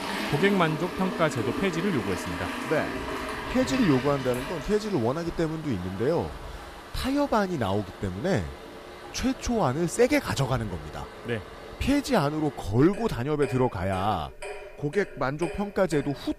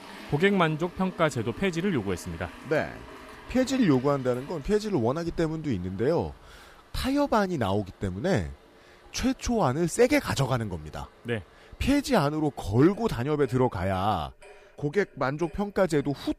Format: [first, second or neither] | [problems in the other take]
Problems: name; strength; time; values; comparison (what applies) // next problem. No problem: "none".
second | household noises; loud; throughout; 10 dB below the speech; faint in the second